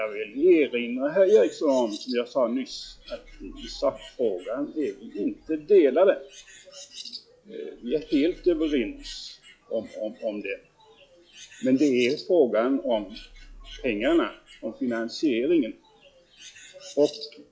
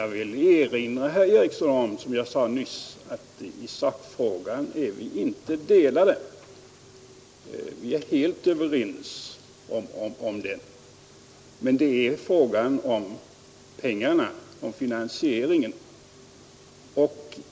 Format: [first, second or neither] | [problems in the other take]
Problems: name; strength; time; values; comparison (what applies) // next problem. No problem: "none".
second | noise reduction (classical method log-MMSE)